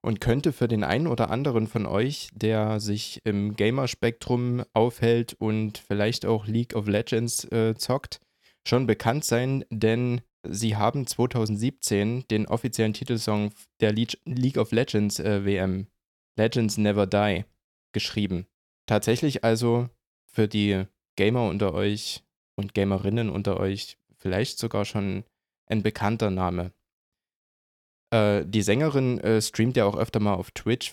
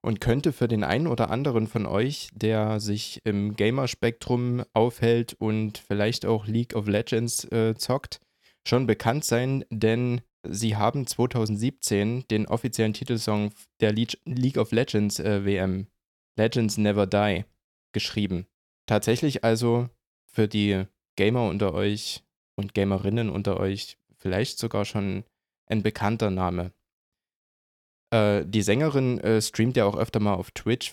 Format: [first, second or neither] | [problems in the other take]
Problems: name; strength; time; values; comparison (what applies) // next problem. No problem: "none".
neither | none